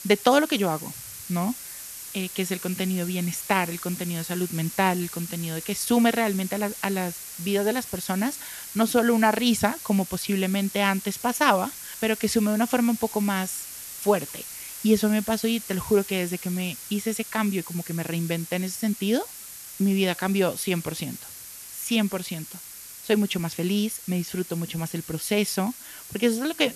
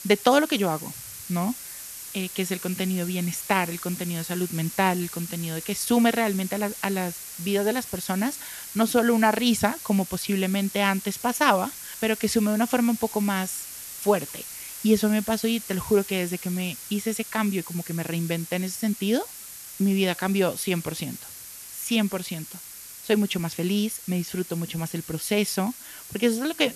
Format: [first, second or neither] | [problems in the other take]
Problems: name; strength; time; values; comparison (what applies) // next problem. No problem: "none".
neither | hiss; noticeable; throughout; 10 dB below the speech; the same in both